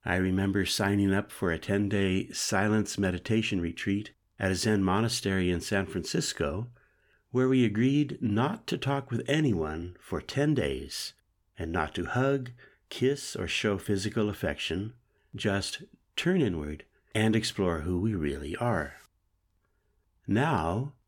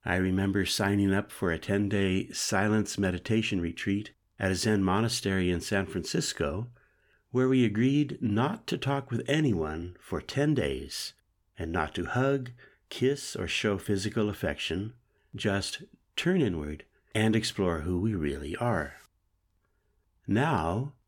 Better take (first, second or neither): neither